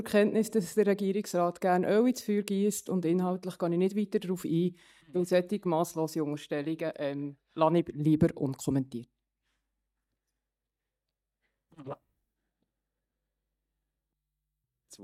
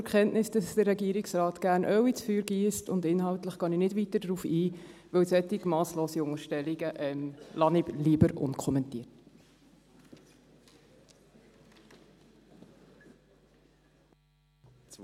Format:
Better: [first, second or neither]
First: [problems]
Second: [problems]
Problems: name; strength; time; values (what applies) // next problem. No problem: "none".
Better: second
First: noise reduction (neural mask model DeepFilterNet 3)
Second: none